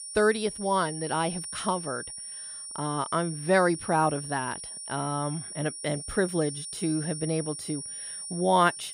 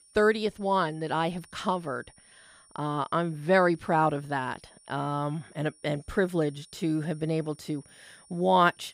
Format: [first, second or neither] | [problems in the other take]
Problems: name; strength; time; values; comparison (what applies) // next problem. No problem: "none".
second | high-pitched whine; loud; throughout; 9.5 kHz, 8 dB below the speech; faint in the second